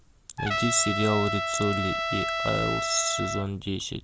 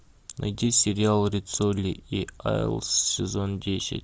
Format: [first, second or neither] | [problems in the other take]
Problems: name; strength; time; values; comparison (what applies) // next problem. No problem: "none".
second | background sound (Trumpet); 1 dB below the speech